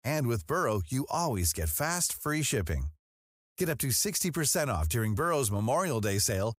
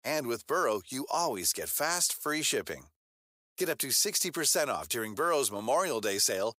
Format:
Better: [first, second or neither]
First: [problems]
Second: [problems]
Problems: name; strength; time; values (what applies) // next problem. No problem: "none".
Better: first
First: none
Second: thin; somewhat; fading below 400 Hz